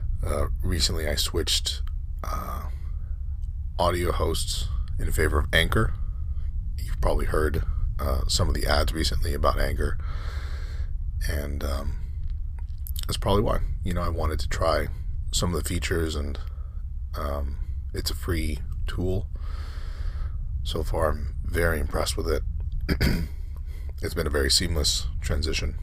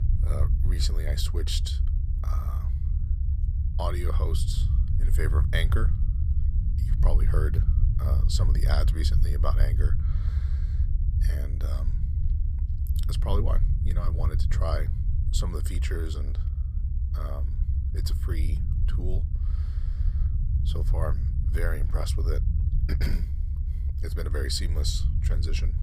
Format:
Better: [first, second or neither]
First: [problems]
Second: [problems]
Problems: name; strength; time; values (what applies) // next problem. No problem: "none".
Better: first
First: low rumble; faint; throughout; 25 dB below the speech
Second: low rumble; loud; throughout; 8 dB below the speech